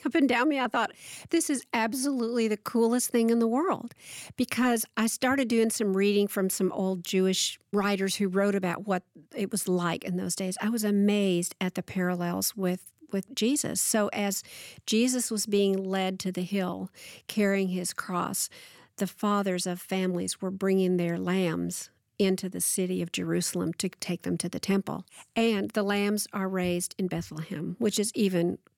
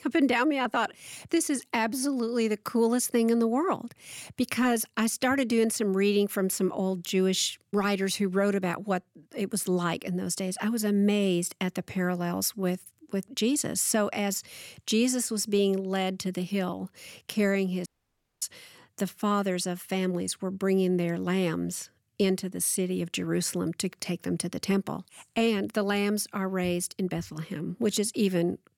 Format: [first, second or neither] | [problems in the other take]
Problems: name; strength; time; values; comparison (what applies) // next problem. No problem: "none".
first | audio cutting out; at 18 s for 0.5 s